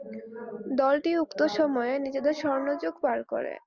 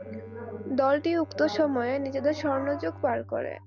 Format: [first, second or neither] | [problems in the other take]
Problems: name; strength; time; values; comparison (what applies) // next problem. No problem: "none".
first | background sound (Bowed string instrument); 17 dB below the speech